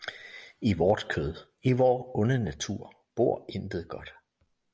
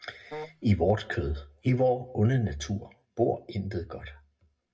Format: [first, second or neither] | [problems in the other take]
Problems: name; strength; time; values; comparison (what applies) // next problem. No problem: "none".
first | background sound (Wind instrument, woodwind instrument); 15 dB below the speech // room echo; dies away in 0.2 s